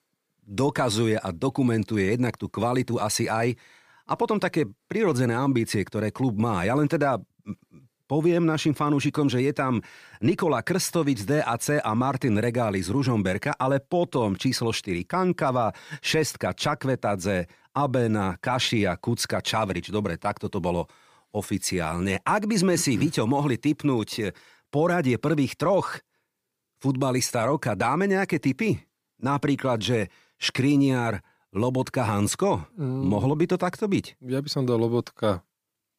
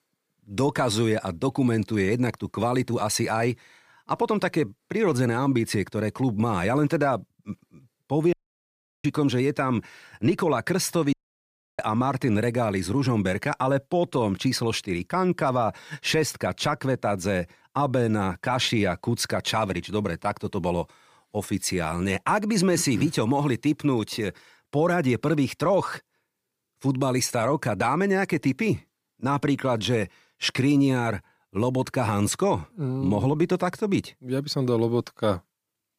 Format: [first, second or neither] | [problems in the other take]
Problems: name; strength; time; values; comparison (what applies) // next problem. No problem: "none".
first | audio cutting out; at 8.5 s for 0.5 s and at 11 s for 0.5 s